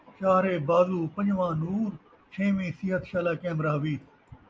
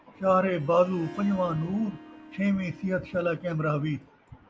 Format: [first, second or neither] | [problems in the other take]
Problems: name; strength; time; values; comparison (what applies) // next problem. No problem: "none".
first | background sound (Harp); 19 dB below the speech